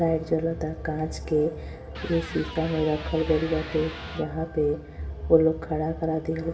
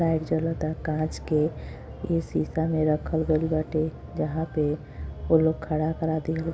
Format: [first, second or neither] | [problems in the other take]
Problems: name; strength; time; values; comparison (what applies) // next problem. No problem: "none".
second | background sound (Electric guitar); 15 dB below the speech // room echo; dies away in 0.8 s